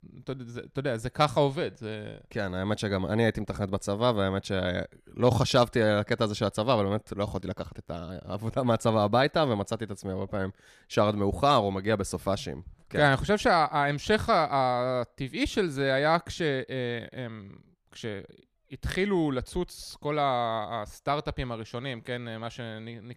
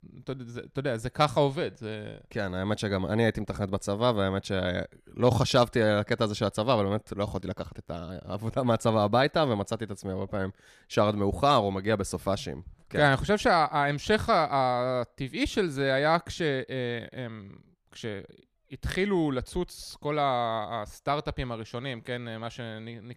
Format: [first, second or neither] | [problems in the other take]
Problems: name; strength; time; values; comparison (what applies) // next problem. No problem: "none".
neither | none